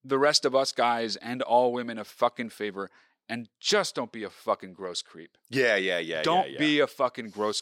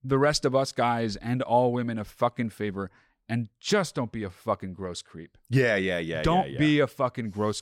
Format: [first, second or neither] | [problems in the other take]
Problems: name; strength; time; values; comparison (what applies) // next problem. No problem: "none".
second | thin; very slightly; fading below 300 Hz